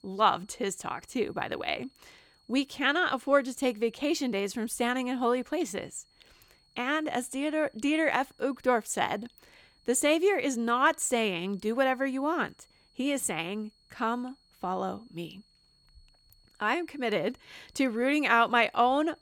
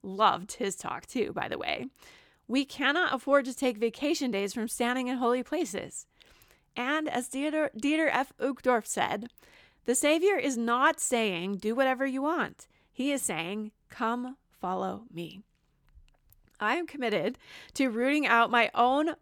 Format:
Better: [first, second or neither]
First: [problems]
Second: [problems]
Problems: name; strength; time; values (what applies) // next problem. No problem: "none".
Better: second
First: high-pitched whine; faint; throughout; 4.5 kHz, 35 dB below the speech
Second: none